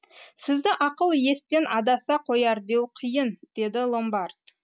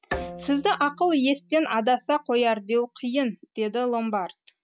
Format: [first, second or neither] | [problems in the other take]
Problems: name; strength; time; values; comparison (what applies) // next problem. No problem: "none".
first | background sound (Bowed string instrument); 15 dB below the speech